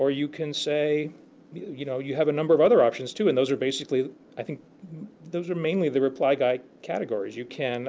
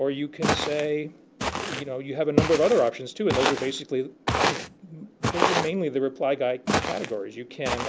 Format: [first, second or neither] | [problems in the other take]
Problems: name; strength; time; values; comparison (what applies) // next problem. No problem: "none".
first | background sound (Walk, footsteps); 1 dB below the speech